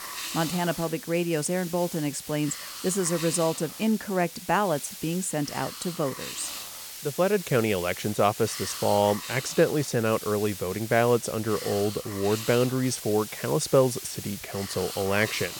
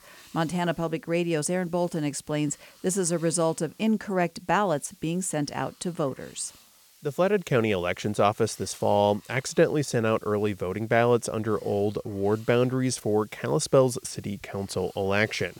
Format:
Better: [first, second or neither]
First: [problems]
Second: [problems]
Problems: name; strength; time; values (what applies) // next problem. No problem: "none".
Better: second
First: hiss; loud; throughout; 9 dB below the speech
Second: hiss; faint; throughout; 25 dB below the speech